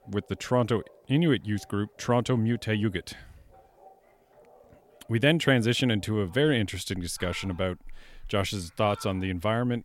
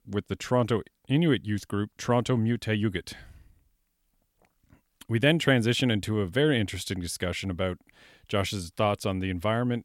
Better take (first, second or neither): second